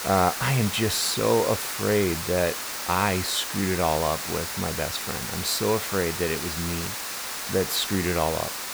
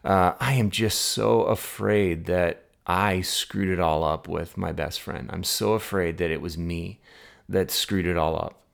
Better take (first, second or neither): second